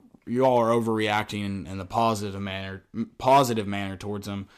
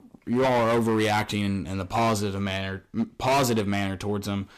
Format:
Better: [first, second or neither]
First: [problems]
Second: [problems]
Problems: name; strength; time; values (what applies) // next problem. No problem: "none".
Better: first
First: none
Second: distortion; heavy; 12% of the sound clipped